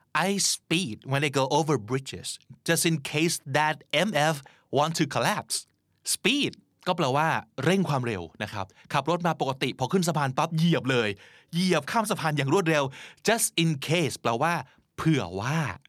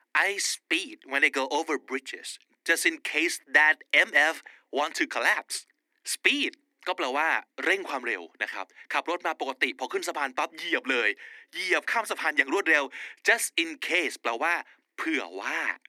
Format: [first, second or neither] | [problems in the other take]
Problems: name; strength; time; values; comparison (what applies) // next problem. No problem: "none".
first | thin; very; fading below 250 Hz